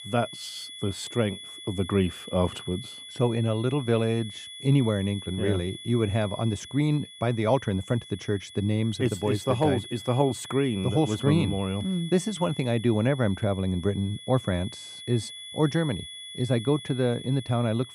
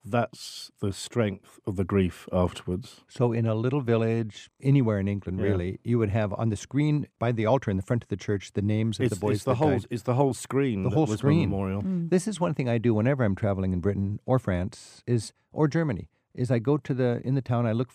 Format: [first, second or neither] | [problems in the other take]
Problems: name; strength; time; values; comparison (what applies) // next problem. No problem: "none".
second | high-pitched whine; noticeable; throughout; 3.5 kHz, 15 dB below the speech